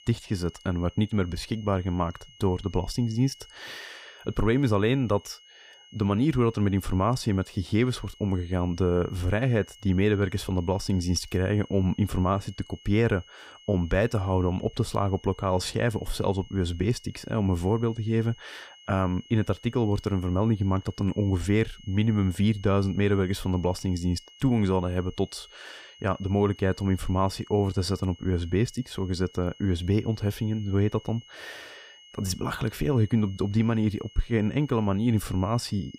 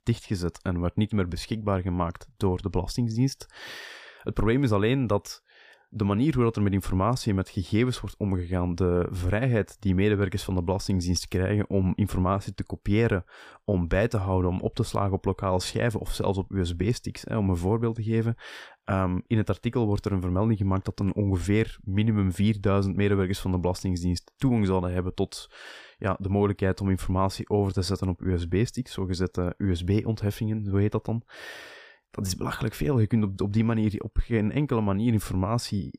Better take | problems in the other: second | high-pitched whine; faint; throughout; 3 kHz, 25 dB below the speech

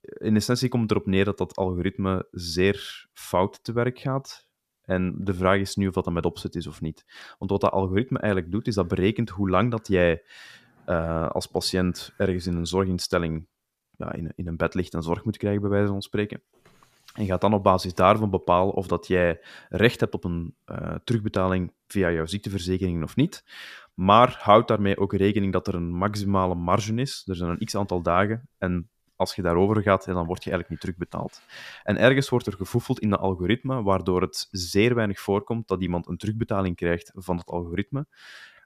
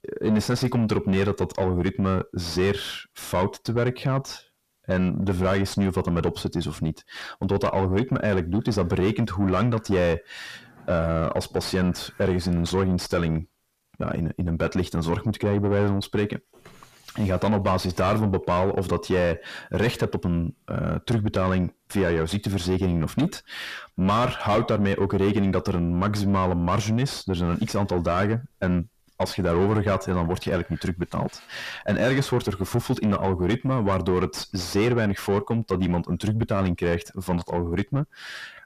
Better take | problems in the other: first | distortion; heavy; 5 dB below the speech

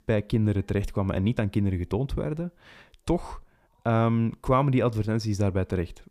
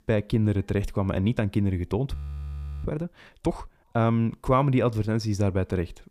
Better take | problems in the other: first | audio freezing; at 2 s for 0.5 s

